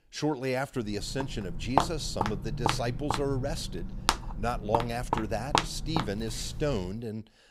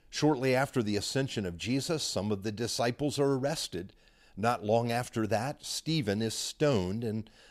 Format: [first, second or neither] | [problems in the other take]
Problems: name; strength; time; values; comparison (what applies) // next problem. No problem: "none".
second | footsteps; loud; from 1 to 7 s; peak 5 dB above the speech